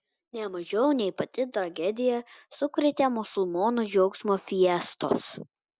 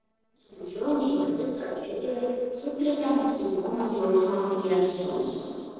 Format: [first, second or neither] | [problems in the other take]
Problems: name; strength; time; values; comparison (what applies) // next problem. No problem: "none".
first | noise reduction (neural separator model SepFormer DNS4)